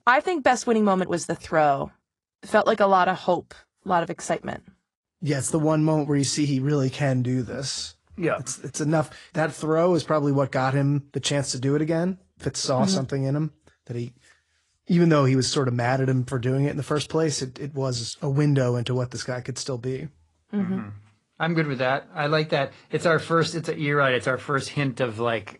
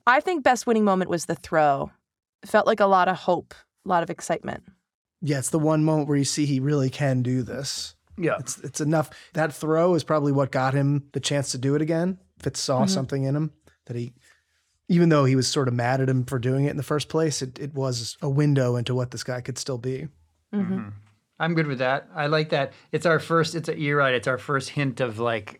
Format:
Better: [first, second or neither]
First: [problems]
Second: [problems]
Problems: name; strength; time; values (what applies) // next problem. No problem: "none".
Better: second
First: garbled, watery; slightly; nothing above 10 kHz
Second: none